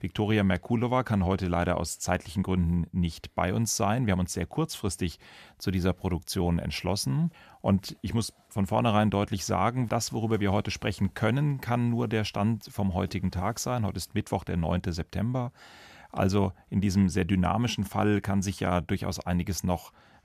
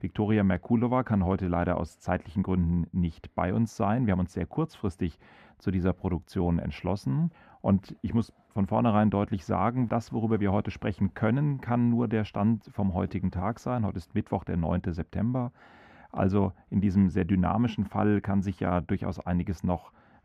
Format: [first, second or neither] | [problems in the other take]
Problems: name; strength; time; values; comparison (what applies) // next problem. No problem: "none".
first | muffled; very; fading above 3 kHz